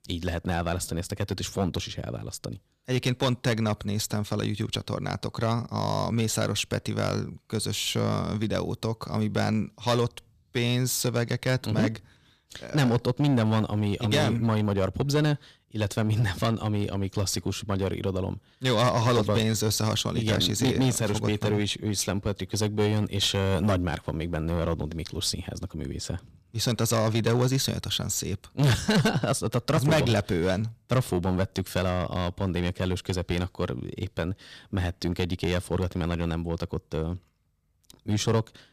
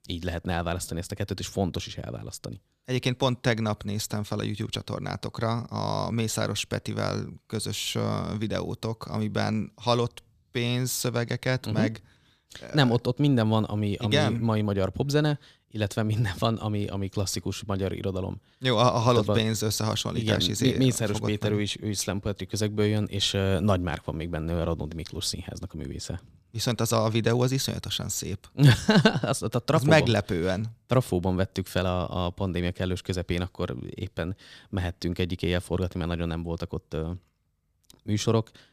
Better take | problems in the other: second | distortion; slight; 5% of the sound clipped

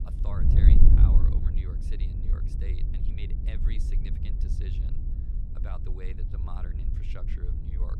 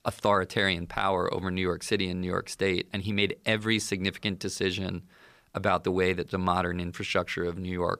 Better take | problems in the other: second | wind noise on the microphone; heavy; 3 dB above the speech

